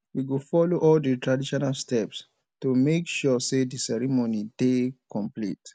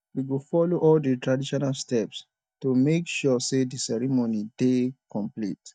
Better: first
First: none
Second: noise reduction (neural mask model DeepFilterNet 3)

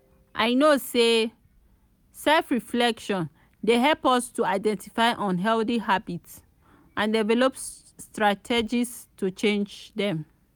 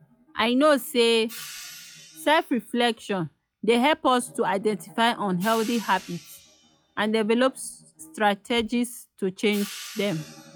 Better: first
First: none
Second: noise reduction (classical method log-MMSE)

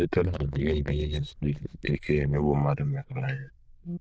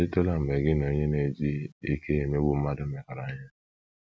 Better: second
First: noise reduction (neural diffusion model UNIVERSE++)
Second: none

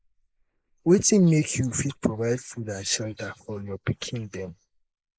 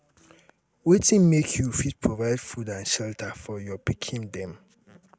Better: second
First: noise reduction (neural mask model Resemble Enhance denoiser)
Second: none

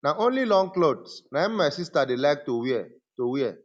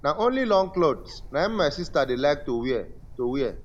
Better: first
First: none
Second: background sound (Bird); 15 dB below the speech

